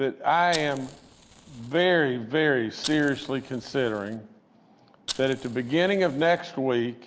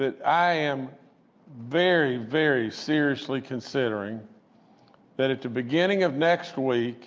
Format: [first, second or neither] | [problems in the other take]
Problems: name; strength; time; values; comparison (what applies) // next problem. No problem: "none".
second | background sound (Fire); 15 dB below the speech